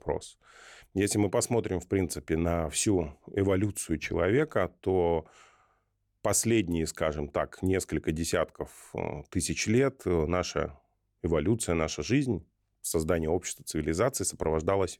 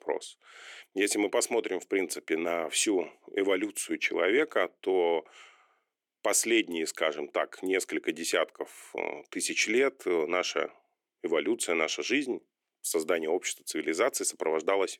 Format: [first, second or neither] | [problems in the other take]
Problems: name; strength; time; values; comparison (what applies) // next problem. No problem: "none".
first | thin; somewhat; fading below 300 Hz